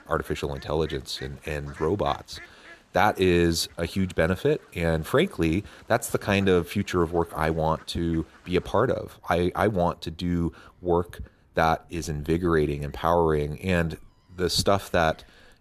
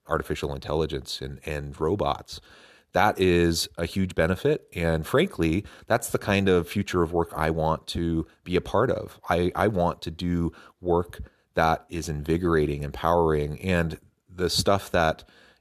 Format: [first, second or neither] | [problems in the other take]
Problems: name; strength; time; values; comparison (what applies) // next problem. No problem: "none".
second | animal sounds; faint; throughout; 25 dB below the speech